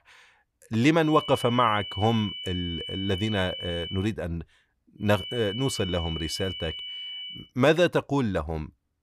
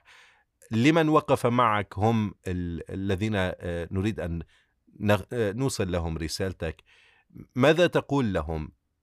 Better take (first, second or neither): second